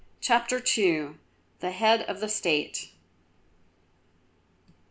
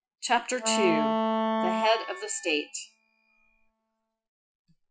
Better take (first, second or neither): first